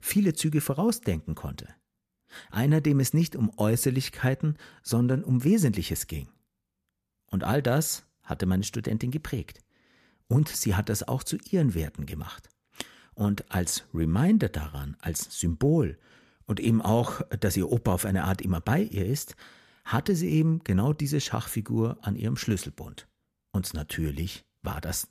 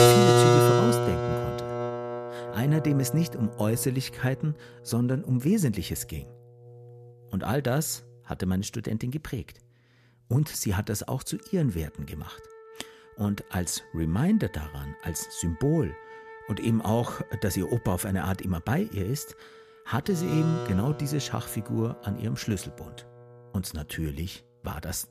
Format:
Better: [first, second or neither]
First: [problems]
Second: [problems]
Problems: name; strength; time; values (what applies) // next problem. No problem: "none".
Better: first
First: none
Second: background music; very loud; throughout; 3 dB above the speech